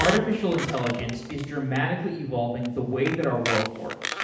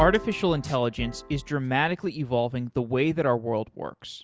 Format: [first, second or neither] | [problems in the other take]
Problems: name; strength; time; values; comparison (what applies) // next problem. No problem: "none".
second | background sound (Squeak); 8 dB below the speech // room echo; dies away in 0.8 s